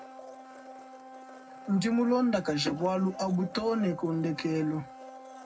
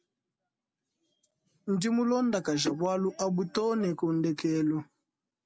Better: second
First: background sound (Domestic sounds, home sounds); 16 dB below the speech // room echo; dies away in 0.3 s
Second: none

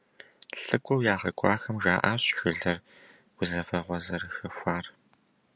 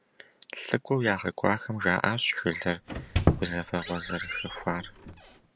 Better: first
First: none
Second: background sound (Squeak); 1 dB below the speech

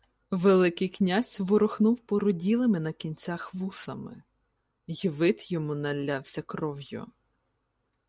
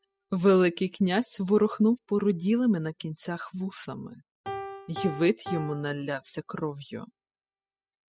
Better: first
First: none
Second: noise reduction (classical method spectral subtraction)

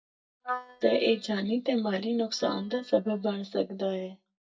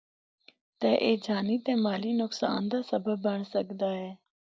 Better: second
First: noise reduction (neural mask model DeepFilterNet 3)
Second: none

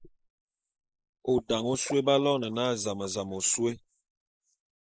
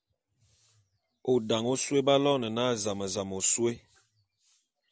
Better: second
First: noise reduction (neural mask model Resemble Enhance denoiser)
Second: none

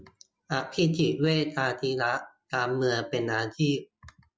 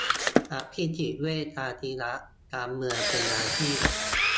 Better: first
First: none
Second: background sound (Camera); 3 dB above the speech

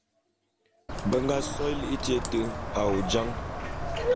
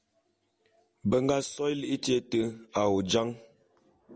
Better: second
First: background sound (Bird); 1 dB below the speech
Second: none

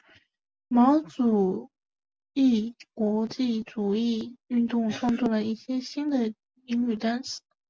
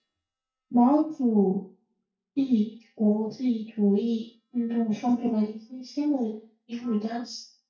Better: first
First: none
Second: noise reduction (neural mask model DeepFilterNet 3)

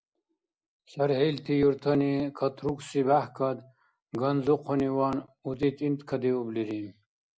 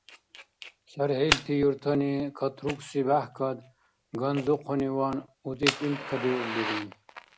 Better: first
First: none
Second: background sound (Fire); 8 dB below the speech

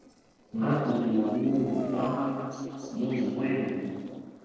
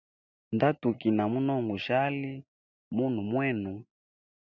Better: second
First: noise reduction (neural separator model SepFormer DNS4)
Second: none

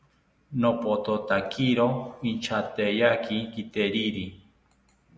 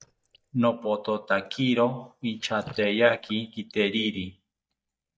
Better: first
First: none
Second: noise reduction (neural mask model DeepFilterNet 3)

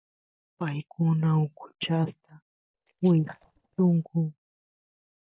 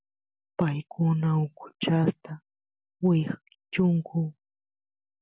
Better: second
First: noise reduction (neural mask model DeepFilterNet 3)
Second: none

